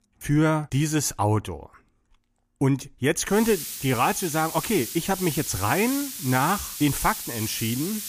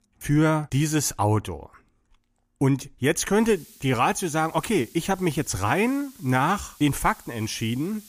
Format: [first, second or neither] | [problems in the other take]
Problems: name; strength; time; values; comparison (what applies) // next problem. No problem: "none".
second | hiss; loud; from 3.5 s on; 7 dB below the speech; faint in the second